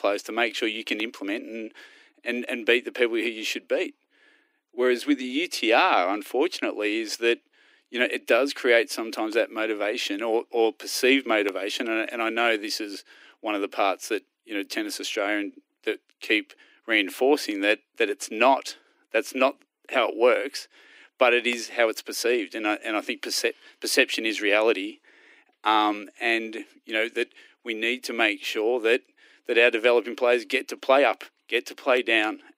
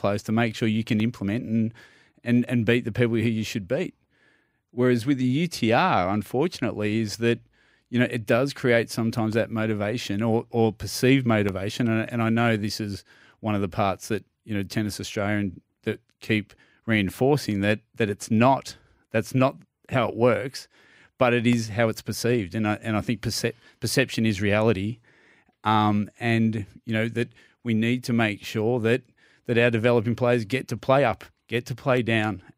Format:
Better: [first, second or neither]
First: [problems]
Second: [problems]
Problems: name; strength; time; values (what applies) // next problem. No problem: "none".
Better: second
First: thin; somewhat; fading below 300 Hz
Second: none